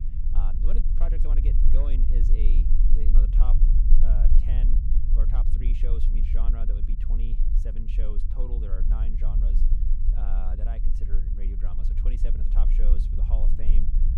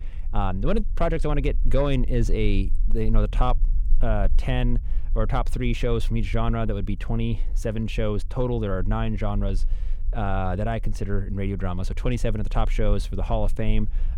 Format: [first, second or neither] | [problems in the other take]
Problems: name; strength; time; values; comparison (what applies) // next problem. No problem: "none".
second | low rumble; loud; throughout; 2 dB below the speech; faint in the second